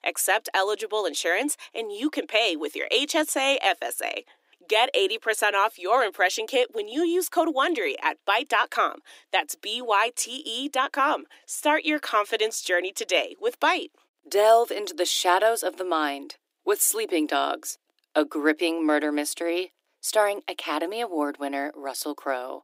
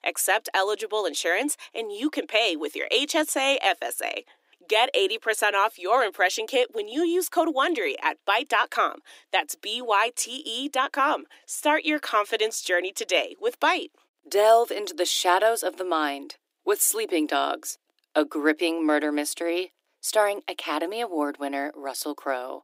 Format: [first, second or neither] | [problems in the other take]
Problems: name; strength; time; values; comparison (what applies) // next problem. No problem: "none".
neither | thin; somewhat; fading below 300 Hz; the same in both